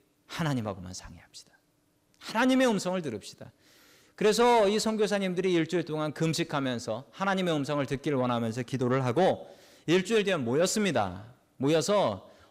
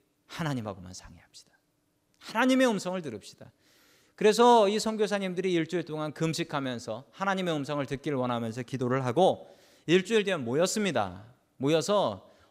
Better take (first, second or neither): second